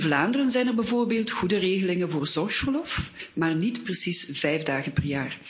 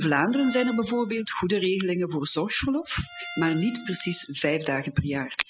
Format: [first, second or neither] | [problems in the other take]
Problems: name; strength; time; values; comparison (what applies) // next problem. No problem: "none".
first | noise reduction (classical method spectral subtraction)